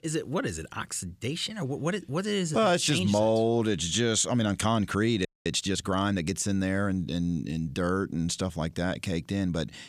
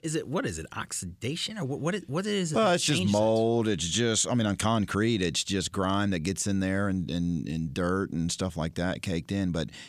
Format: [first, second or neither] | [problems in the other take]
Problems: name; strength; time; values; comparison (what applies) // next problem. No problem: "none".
second | audio freezing; at 5.5 s